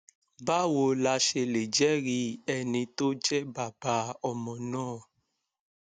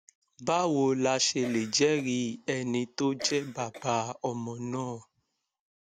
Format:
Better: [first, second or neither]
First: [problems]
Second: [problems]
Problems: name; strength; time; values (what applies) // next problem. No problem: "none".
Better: first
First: none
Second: background sound (Cough); 16 dB below the speech